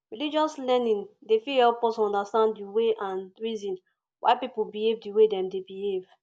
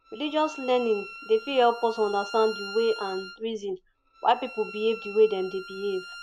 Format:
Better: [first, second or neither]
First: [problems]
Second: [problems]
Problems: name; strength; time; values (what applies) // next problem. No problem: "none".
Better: first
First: none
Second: background sound (Bowed string instrument); 15 dB below the speech